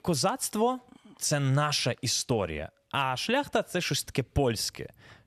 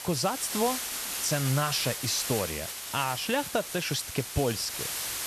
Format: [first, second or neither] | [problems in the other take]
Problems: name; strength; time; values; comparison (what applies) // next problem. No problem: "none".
first | hiss; loud; throughout; 3 dB below the speech